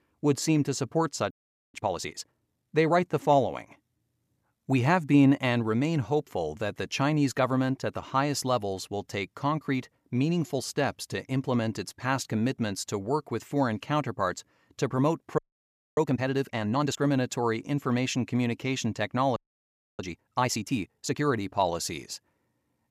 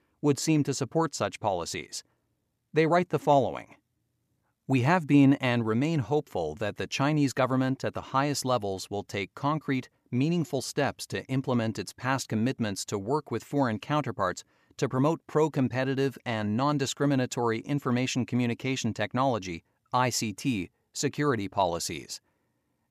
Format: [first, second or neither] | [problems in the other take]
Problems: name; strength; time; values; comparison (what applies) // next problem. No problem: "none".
second | audio freezing; at 1.5 s, at 15 s for 0.5 s and at 19 s for 0.5 s